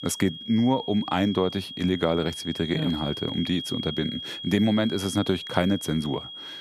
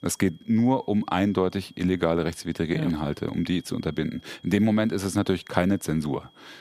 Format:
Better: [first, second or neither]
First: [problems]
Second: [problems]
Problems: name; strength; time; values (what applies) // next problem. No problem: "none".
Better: second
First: high-pitched whine; loud; throughout; 3.5 kHz, 9 dB below the speech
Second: high-pitched whine; faint; throughout; 3.5 kHz, 30 dB below the speech